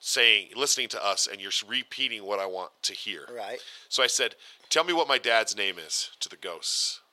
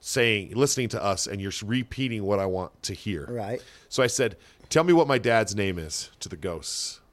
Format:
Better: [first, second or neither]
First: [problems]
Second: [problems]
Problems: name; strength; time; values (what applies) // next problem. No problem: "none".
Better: second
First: thin; very; fading below 650 Hz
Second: none